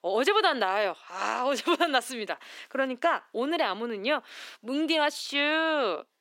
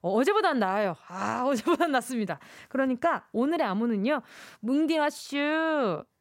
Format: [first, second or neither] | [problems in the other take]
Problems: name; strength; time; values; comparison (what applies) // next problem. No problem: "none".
second | thin; somewhat; fading below 300 Hz